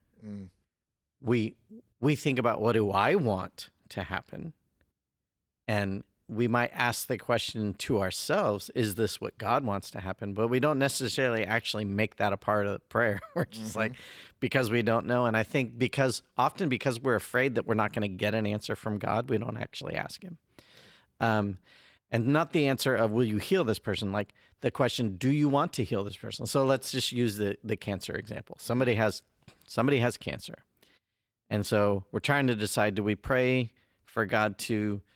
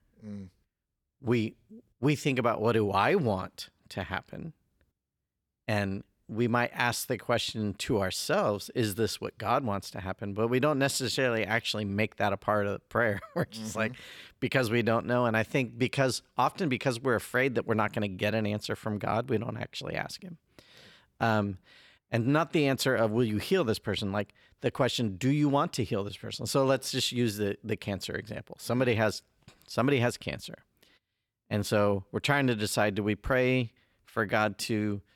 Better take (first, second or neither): second